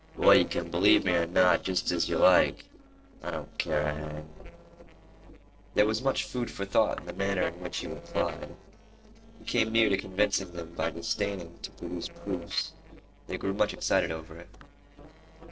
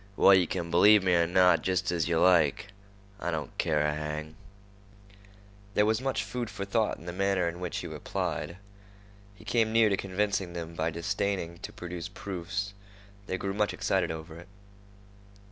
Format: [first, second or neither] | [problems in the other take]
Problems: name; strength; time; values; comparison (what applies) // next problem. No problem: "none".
second | noise reduction (neural separator model SepFormer DNS4)